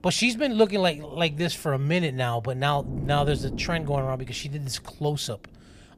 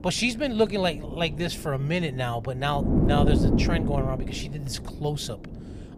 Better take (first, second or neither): first